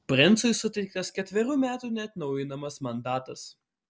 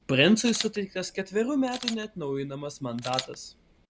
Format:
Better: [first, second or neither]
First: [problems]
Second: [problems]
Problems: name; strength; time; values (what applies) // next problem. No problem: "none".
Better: first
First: none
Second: background sound (Camera); 13 dB below the speech